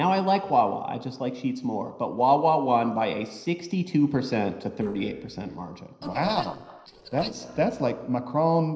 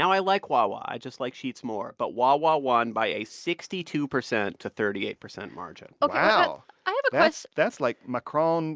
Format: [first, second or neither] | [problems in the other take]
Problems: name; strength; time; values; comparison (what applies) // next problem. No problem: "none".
second | noise reduction (neural separator model SepFormer DNS4)